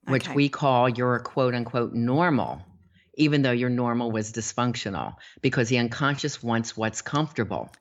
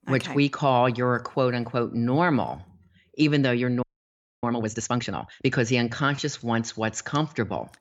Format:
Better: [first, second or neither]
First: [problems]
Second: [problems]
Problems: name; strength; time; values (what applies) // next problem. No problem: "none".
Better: first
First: none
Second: audio freezing; at 4 s for 0.5 s